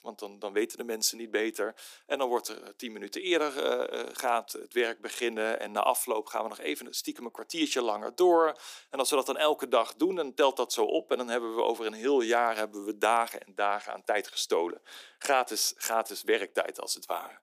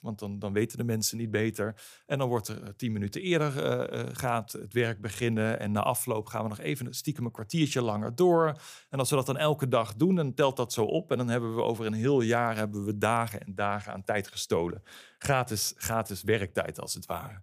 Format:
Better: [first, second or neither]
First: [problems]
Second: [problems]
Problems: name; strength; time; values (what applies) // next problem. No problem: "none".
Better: second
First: thin; somewhat; fading below 300 Hz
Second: none